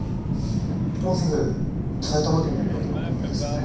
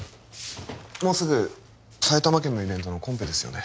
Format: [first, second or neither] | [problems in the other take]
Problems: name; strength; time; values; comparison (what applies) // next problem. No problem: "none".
second | background sound (Subway, metro, underground); 3 dB above the speech // room echo; dies away in 0.6 s